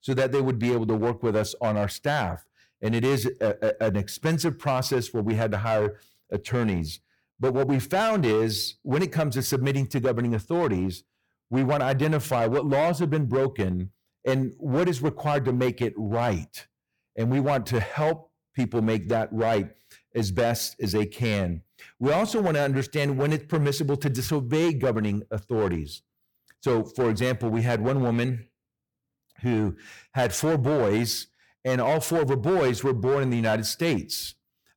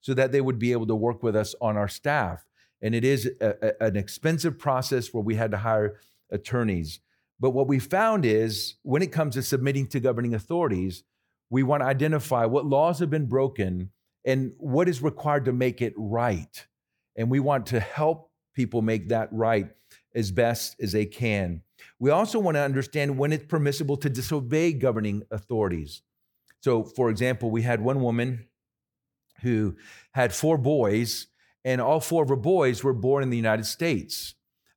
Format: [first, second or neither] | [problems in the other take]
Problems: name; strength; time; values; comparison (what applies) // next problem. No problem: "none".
second | distortion; slight; 11% of the sound clipped